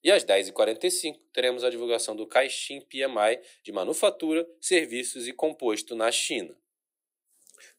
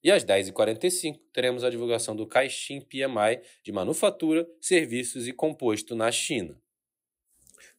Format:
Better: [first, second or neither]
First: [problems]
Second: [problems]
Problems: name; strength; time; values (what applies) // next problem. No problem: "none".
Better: second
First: thin; somewhat; fading below 400 Hz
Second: none